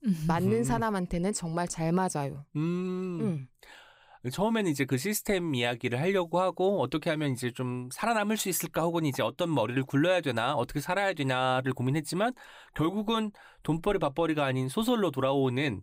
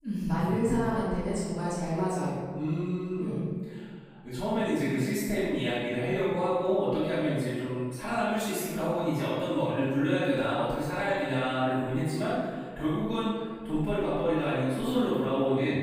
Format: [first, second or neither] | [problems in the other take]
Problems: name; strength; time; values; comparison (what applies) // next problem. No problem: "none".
first | off-mic speech; far // room echo; strong; dies away in 1.6 s